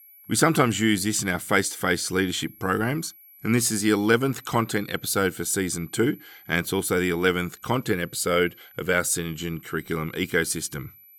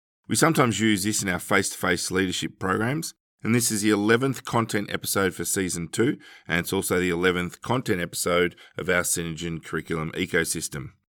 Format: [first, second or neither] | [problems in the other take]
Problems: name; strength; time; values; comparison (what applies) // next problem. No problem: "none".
second | high-pitched whine; faint; throughout; 12 kHz, 25 dB below the speech